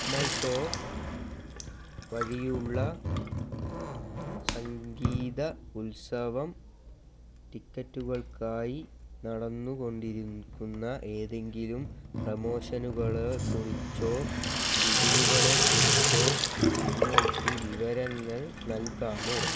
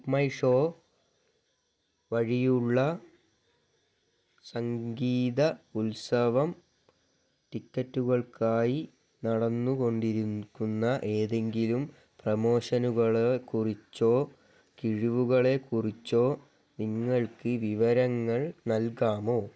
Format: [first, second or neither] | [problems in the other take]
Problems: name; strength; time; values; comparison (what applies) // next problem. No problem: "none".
second | background sound (Sink (filling or washing) / Water tap, faucet); 4 dB above the speech